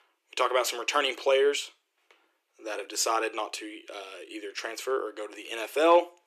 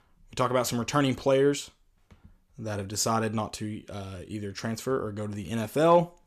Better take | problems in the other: second | thin; very; fading below 350 Hz

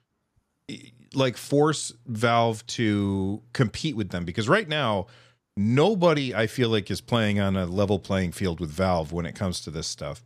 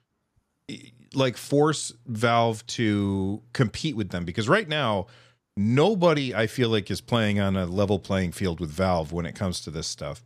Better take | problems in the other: neither | none

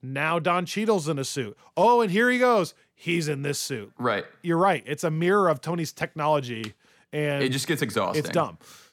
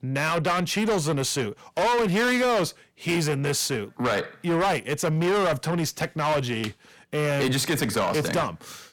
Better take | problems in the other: first | distortion; heavy; 6 dB below the speech

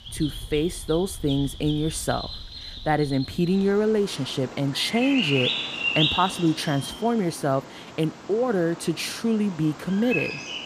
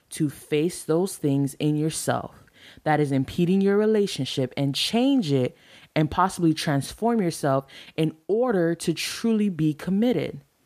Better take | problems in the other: second | animal sounds; loud; throughout; 4 dB below the speech

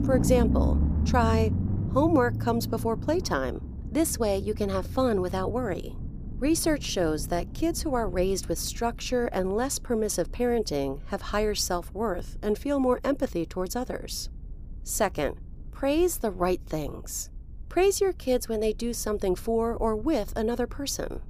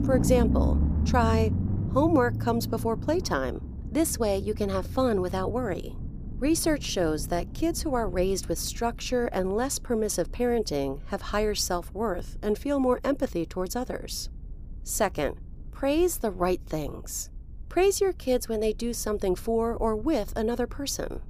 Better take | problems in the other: neither | low rumble; noticeable; throughout; 10 dB below the speech; the same in both

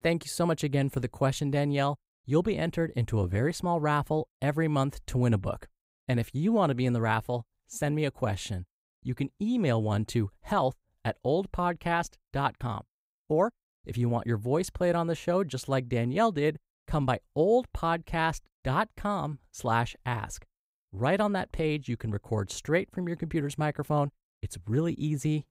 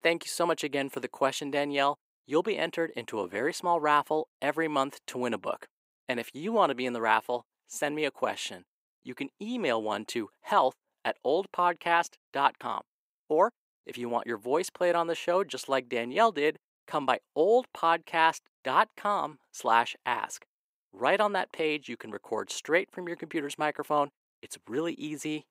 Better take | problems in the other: first | thin; somewhat; fading below 300 Hz

